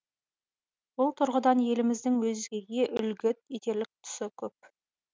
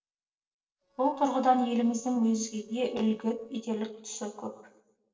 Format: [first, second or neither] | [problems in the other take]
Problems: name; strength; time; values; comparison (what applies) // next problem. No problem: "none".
first | noise reduction (neural separator model SepFormer DNS4)